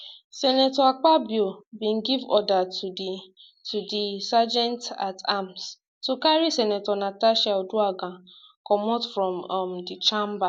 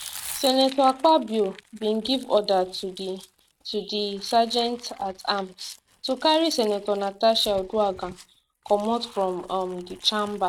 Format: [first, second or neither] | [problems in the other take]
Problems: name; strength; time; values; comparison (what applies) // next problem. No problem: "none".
first | noise reduction (neural mask model RNNoise)